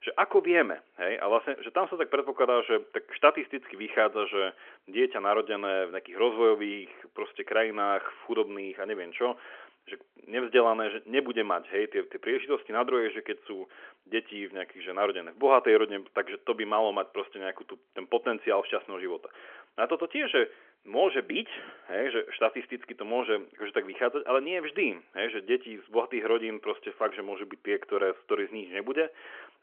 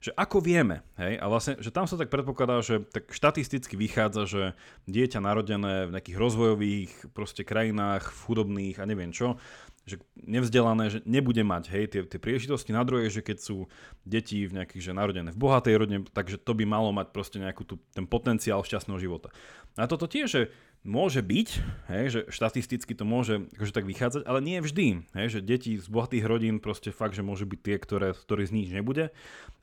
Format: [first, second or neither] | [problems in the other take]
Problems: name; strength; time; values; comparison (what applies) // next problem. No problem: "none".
second | phone-call audio; nothing above 3.5 kHz